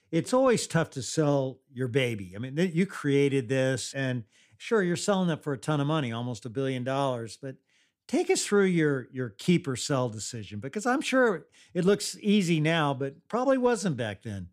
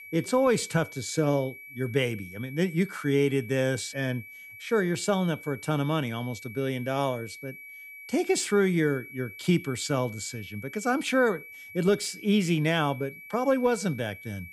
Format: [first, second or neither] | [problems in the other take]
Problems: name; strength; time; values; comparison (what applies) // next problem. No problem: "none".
first | high-pitched whine; noticeable; throughout; 2.5 kHz, 15 dB below the speech